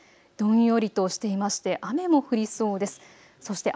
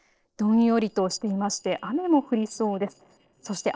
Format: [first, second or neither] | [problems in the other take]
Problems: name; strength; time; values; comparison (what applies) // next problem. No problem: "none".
first | noise reduction (neural separator model SepFormer DNS4)